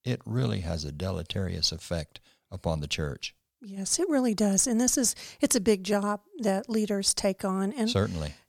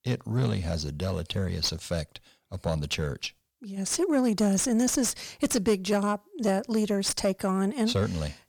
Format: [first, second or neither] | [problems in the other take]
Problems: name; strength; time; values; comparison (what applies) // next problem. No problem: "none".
first | distortion; slight; 10 dB below the speech